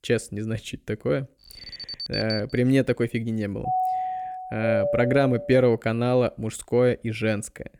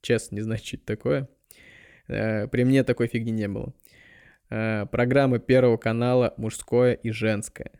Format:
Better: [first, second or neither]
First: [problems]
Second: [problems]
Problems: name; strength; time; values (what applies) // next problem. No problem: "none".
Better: second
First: alarm; noticeable; from 1.5 to 2.5 s; peak 6 dB below the speech // doorbell; noticeable; from 3.5 to 5.5 s; peak level with the speech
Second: none